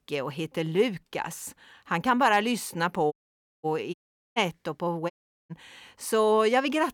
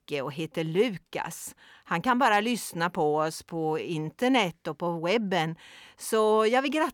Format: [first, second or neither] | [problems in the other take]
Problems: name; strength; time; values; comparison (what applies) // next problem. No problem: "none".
second | audio cutting out; at 3 s for 0.5 s, at 4 s and at 5 s